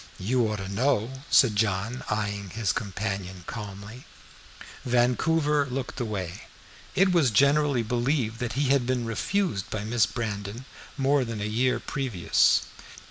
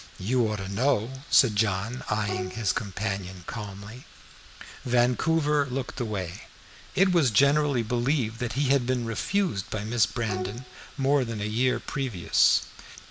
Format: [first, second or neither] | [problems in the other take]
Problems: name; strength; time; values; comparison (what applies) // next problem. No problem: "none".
first | background sound (Bowed string instrument); 10 dB below the speech